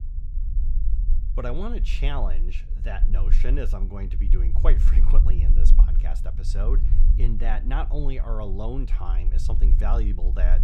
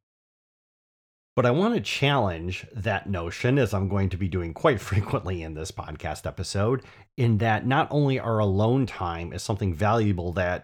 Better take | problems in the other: second | low rumble; loud; throughout; 10 dB below the speech

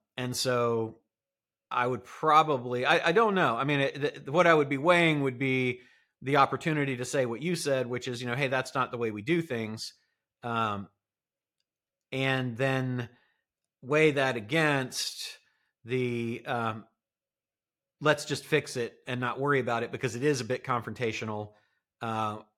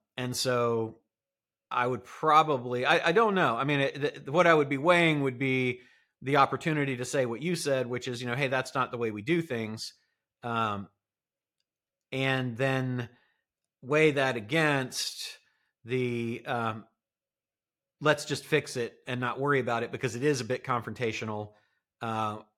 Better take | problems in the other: neither | none

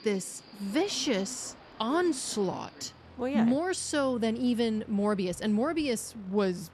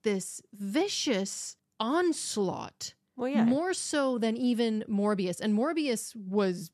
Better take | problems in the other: second | train or aircraft noise; noticeable; throughout; 20 dB below the speech

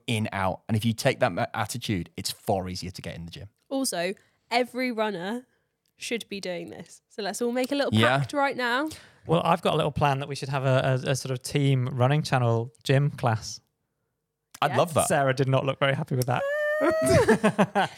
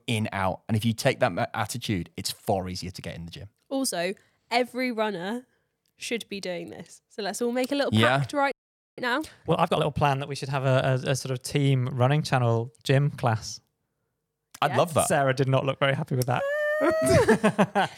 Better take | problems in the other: first | audio freezing; at 8.5 s

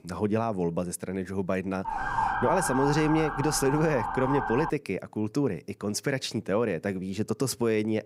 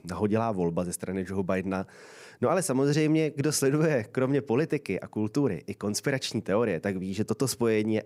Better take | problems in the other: second | siren; loud; from 2 to 4.5 s; peak 1 dB above the speech

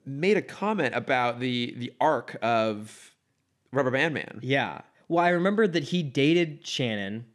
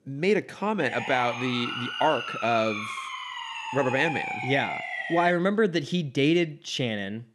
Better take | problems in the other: first | siren; noticeable; from 1 to 5.5 s; peak 4 dB below the speech

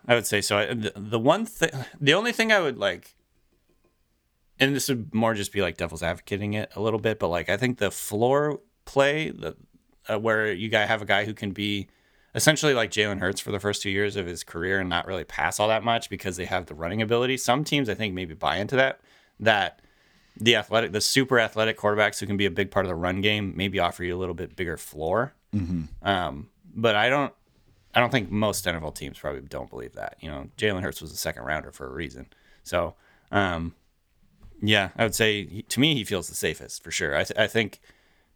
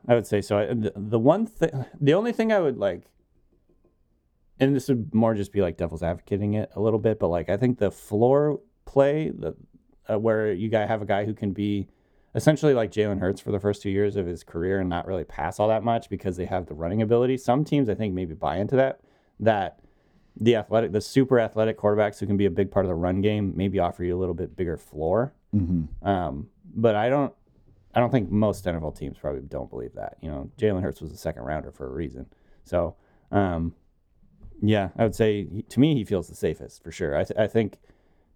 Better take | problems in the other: first | muffled; slightly; fading above 1 kHz

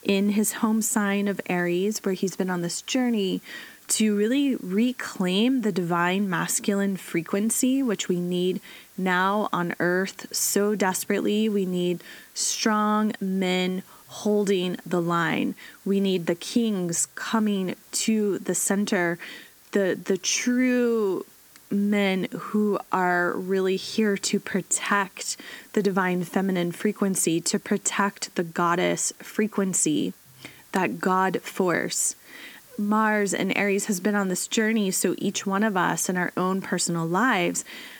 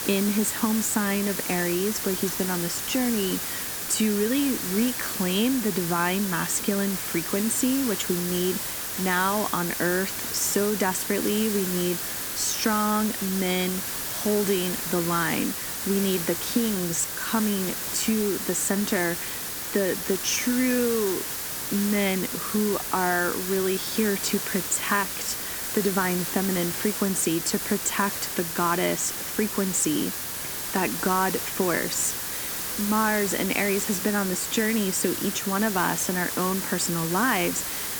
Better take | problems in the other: first | hiss; loud; throughout; 2 dB below the speech; faint in the first

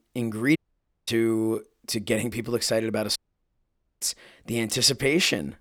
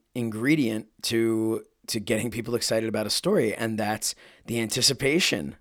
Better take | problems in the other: second | audio cutting out; at 0.5 s for 0.5 s and at 3 s for 1 s

